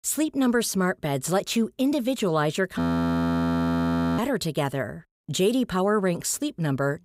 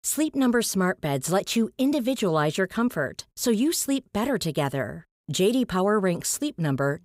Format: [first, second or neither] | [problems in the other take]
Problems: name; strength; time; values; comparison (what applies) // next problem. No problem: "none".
second | audio freezing; at 3 s for 1.5 s